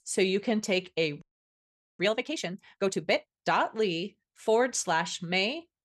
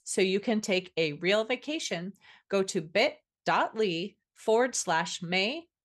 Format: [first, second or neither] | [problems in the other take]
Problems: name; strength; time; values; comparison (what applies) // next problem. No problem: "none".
second | audio freezing; at 1 s for 1 s